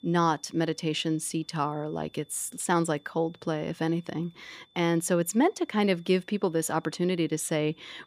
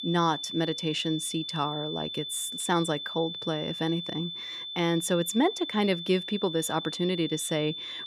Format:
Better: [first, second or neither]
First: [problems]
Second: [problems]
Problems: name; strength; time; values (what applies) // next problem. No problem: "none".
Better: first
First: high-pitched whine; faint; throughout; 3.5 kHz, 35 dB below the speech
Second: high-pitched whine; loud; throughout; 3.5 kHz, 6 dB below the speech